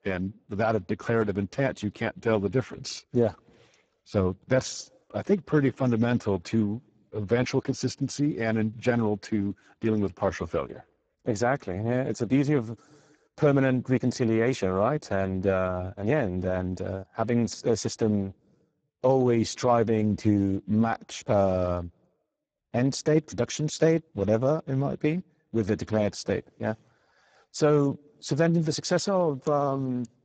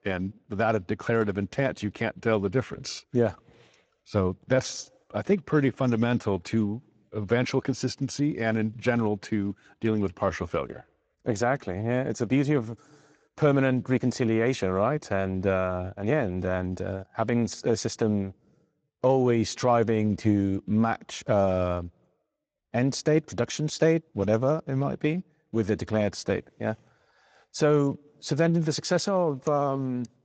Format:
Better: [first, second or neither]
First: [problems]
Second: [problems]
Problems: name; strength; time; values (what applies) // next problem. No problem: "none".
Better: second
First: garbled, watery; badly; nothing above 7.5 kHz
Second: garbled, watery; slightly; nothing above 7.5 kHz